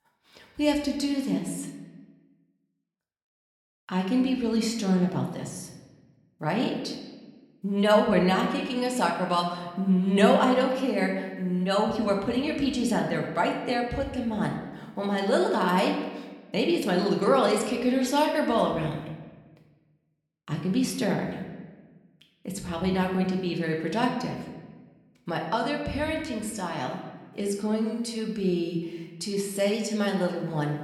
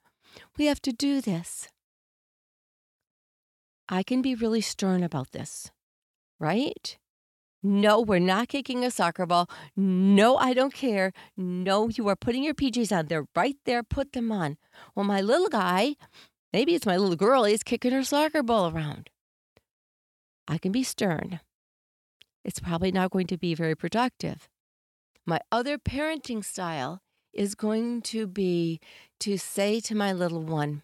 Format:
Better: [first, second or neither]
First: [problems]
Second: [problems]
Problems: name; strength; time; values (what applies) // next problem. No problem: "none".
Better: second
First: room echo; slight; dies away in 1 s // off-mic speech; somewhat distant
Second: none